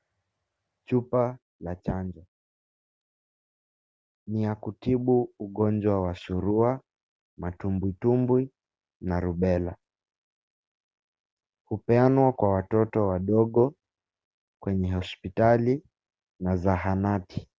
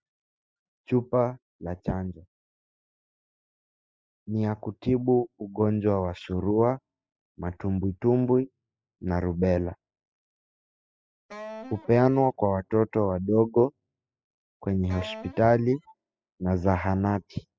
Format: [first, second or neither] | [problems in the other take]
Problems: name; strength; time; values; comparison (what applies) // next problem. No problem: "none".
first | noise reduction (classical method spectral subtraction)